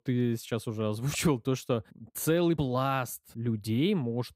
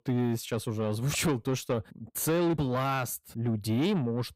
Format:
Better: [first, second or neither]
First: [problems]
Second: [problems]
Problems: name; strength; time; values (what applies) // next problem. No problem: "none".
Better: first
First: none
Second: distortion; slight; 10 dB below the speech